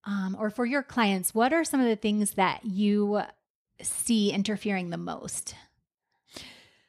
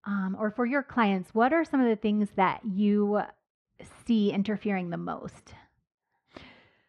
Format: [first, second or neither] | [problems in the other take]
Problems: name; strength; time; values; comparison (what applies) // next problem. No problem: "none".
first | muffled; very; fading above 2 kHz